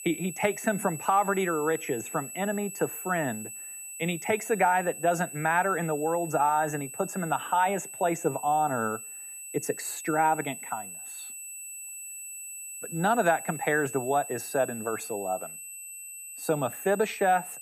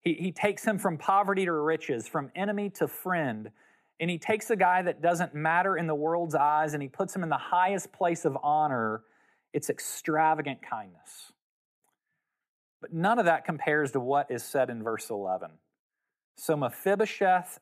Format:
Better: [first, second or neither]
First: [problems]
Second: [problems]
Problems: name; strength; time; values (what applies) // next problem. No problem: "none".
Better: second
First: high-pitched whine; loud; throughout; 8 kHz, 10 dB below the speech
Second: none